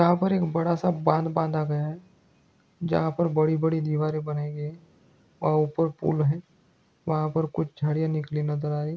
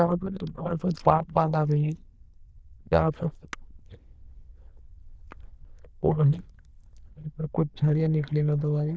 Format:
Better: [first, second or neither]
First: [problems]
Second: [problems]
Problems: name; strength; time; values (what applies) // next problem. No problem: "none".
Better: first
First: none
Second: noise reduction (neural diffusion model UNIVERSE++)